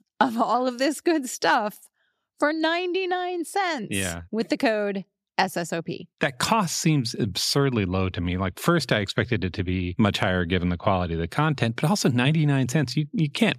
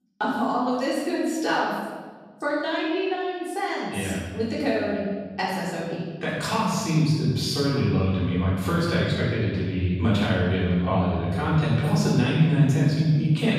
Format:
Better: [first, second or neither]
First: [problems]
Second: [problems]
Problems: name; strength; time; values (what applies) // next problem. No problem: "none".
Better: first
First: none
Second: off-mic speech; far // room echo; strong; dies away in 2.1 s